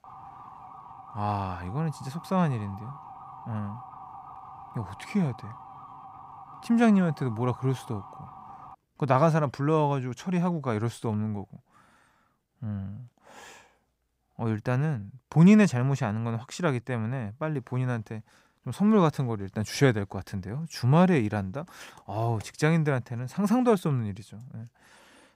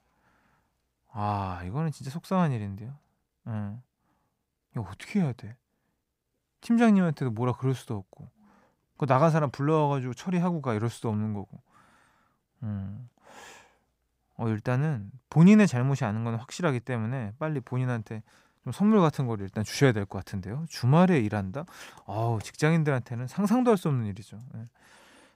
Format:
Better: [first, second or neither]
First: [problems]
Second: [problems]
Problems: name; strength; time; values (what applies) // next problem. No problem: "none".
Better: second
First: siren; faint; until 9 s; peak 15 dB below the speech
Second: none